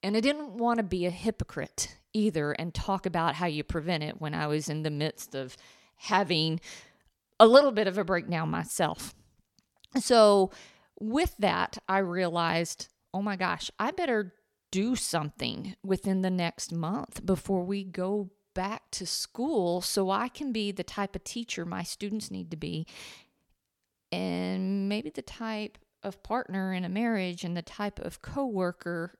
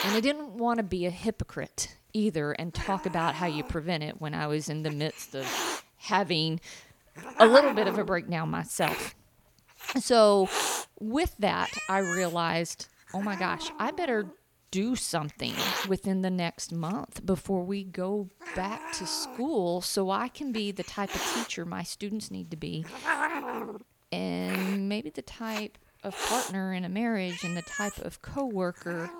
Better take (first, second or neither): first